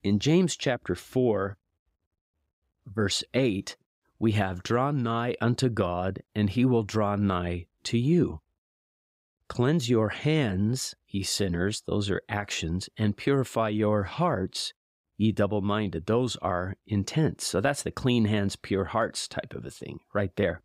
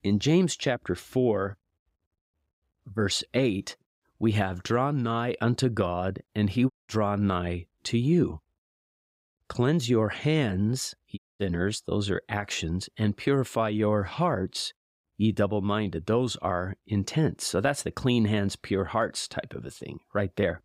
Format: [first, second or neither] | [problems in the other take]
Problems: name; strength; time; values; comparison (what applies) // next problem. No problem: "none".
first | audio cutting out; at 6.5 s and at 11 s